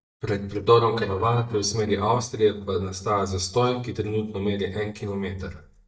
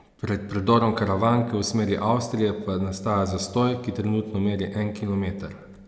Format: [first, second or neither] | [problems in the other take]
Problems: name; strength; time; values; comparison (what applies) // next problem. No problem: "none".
second | noise reduction (neural mask model DeepFilterNet 3)